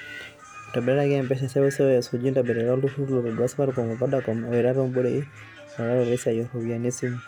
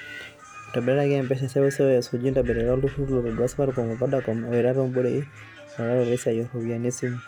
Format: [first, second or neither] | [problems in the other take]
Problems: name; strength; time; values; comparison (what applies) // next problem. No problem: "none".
first | background sound (Boom); 16 dB below the speech